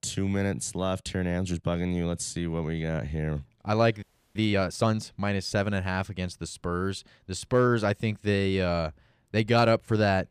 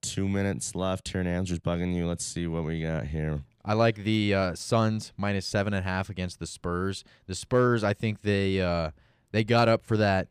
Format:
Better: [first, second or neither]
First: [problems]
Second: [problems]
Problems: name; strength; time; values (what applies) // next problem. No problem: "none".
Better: second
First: audio freezing; at 4 s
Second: none